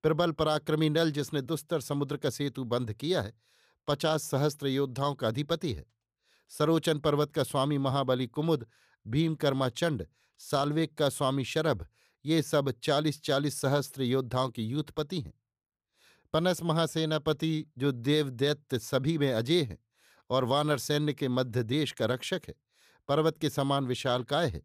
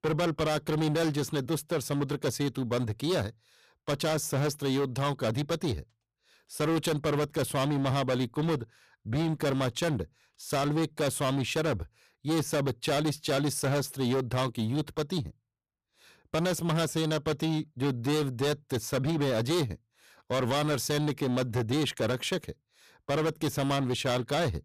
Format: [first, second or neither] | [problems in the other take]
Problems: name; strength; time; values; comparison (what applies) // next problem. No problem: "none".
first | distortion; heavy; 19% of the sound clipped